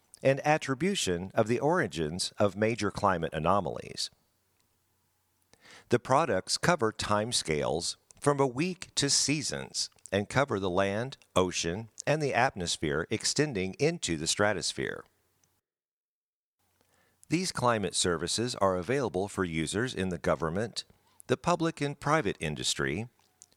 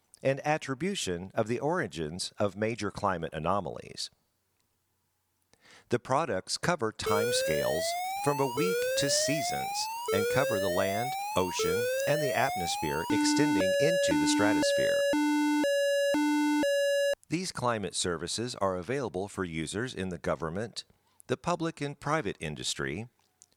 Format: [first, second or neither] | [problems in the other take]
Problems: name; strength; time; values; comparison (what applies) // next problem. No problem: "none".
first | alarm; loud; from 7 to 17 s; peak 6 dB above the speech